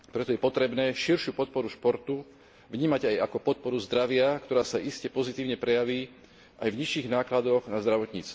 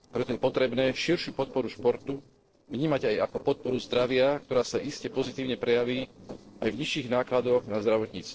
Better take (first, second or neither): first